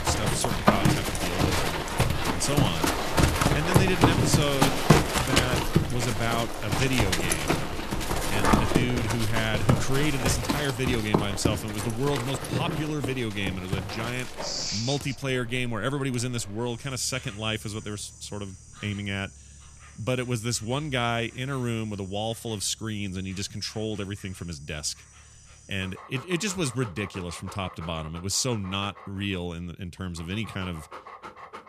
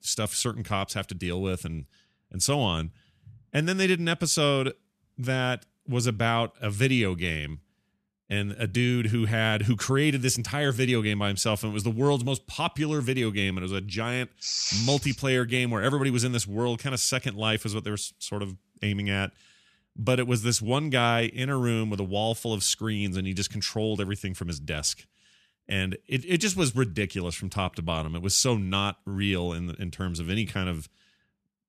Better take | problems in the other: second | animal sounds; very loud; throughout; 4 dB above the speech

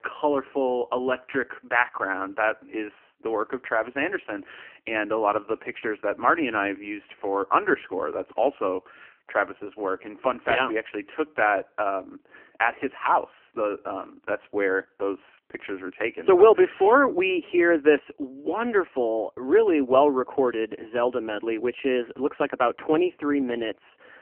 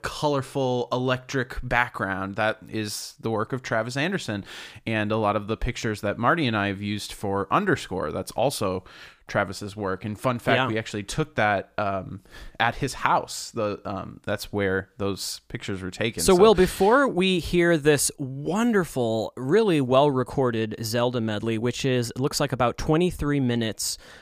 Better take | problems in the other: second | phone-call audio; poor line; nothing above 3 kHz

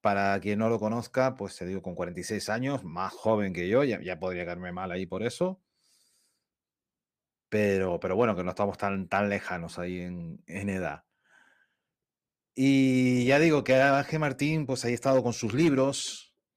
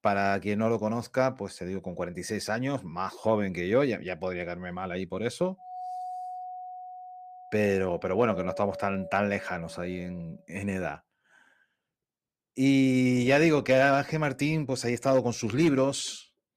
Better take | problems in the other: first | doorbell; noticeable; from 5.5 to 10 s; peak 9 dB below the speech

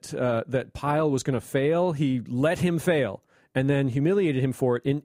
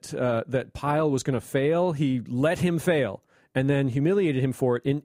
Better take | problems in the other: neither | none

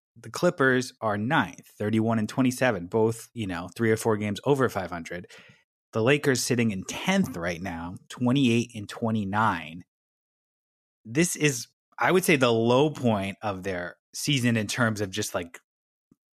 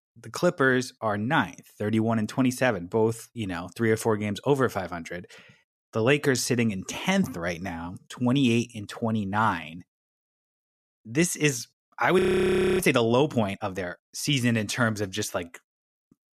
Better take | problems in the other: first | audio freezing; at 12 s for 0.5 s

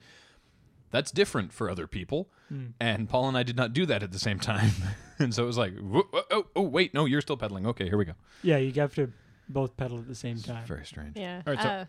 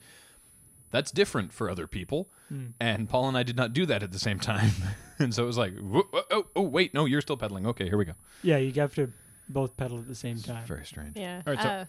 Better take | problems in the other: first | high-pitched whine; faint; throughout; 10 kHz, 25 dB below the speech

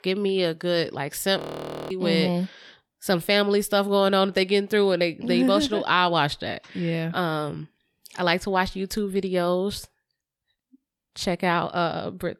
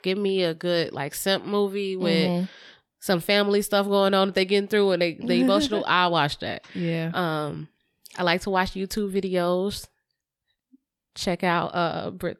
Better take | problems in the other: second | audio freezing; at 1.5 s for 0.5 s

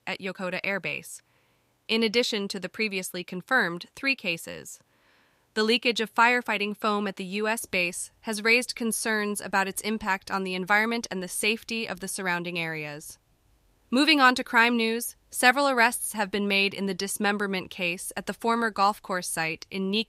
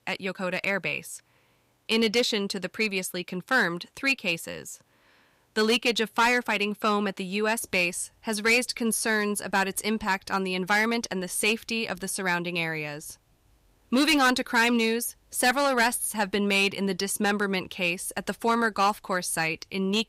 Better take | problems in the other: first | distortion; slight; 3% of the sound clipped

